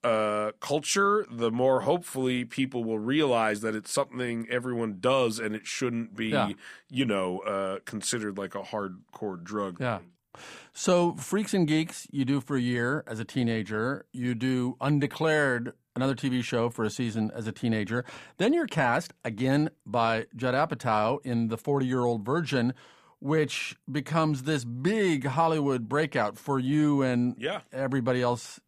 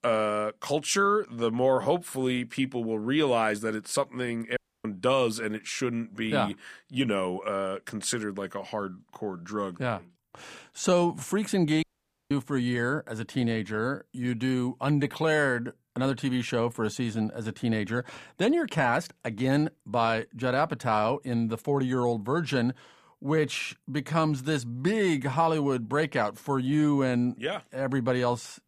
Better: first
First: none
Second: audio cutting out; at 4.5 s and at 12 s

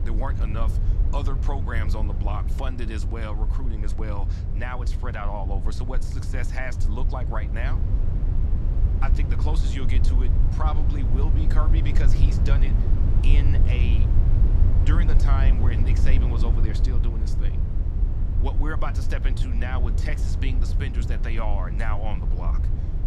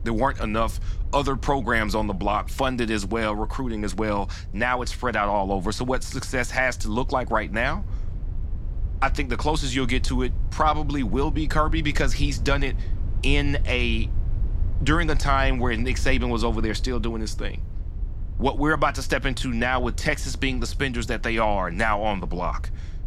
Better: second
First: low rumble; loud; throughout; 5 dB below the speech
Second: low rumble; faint; throughout; 25 dB below the speech

